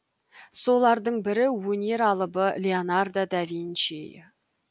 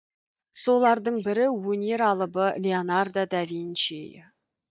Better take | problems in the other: first | noise reduction (neural mask model DeepFilterNet 3)

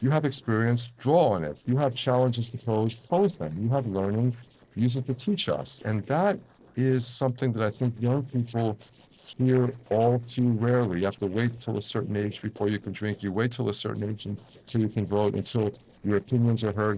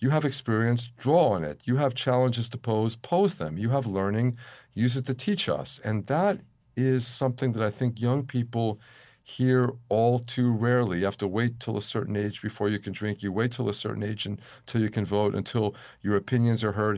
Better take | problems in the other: second | noise reduction (neural separator model SepFormer DNS4)

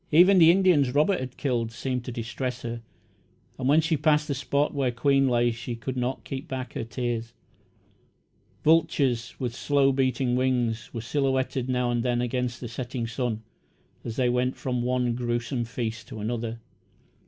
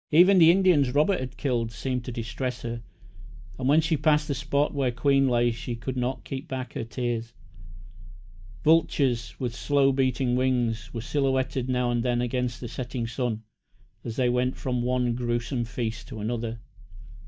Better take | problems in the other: first | noise reduction (neural mask model DeepFilterNet 3)

